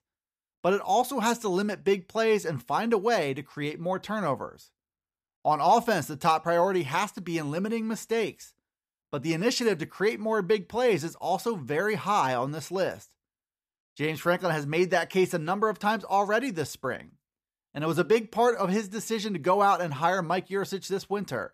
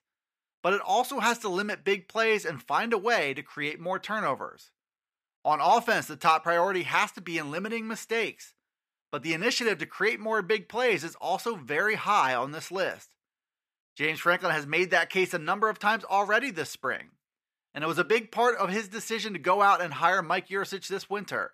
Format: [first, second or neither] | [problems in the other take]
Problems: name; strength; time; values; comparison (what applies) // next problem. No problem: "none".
first | thin; very slightly; fading below 250 Hz